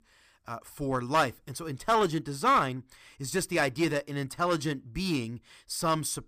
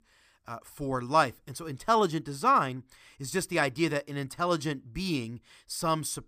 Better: second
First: distortion; slight; 3% of the sound clipped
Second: none

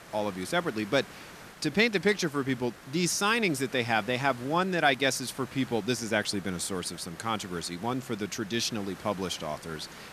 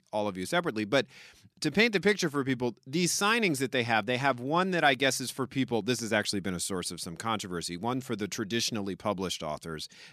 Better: second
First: hiss; noticeable; throughout; 20 dB below the speech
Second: none

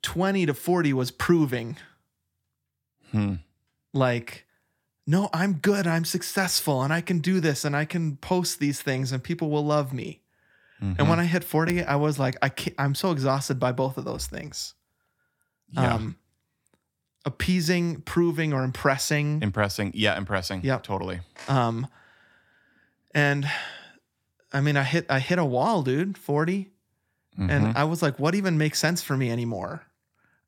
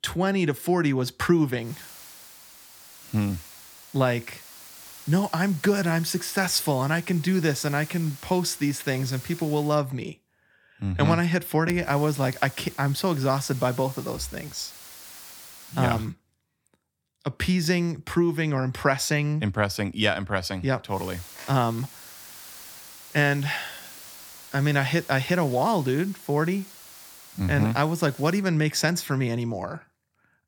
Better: first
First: none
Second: hiss; noticeable; from 1.5 to 10 s, from 12 to 16 s and from 21 to 28 s; 15 dB below the speech

